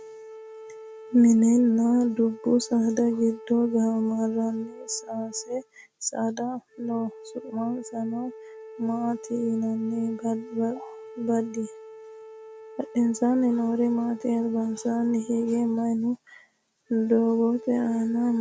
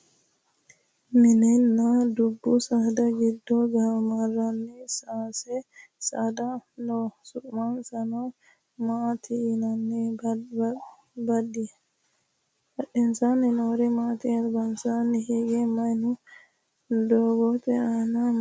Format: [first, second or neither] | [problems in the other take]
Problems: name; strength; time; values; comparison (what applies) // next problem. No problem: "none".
second | background sound (Wind instrument, woodwind instrument); 18 dB below the speech